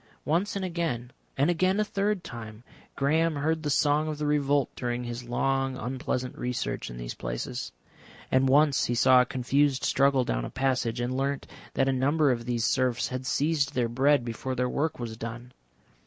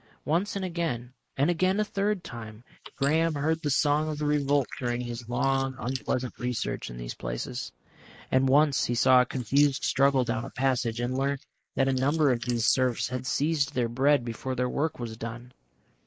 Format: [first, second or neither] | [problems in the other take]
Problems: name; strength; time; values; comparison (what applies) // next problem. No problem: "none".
first | noise reduction (neural mask model Resemble Enhance denoiser)